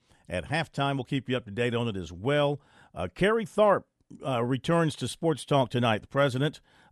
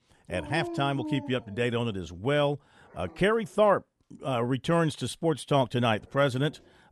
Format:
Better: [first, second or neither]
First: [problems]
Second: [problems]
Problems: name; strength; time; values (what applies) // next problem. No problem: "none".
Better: first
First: none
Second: dog barking; noticeable; peak 8 dB below the speech